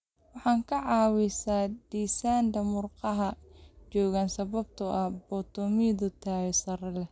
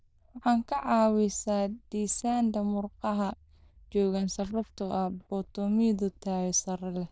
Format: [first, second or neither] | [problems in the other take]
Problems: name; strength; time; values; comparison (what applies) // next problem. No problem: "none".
first | noise reduction (neural diffusion model UNIVERSE++)